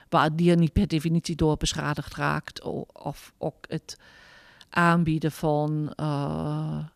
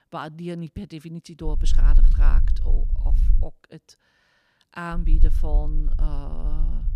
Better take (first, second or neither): first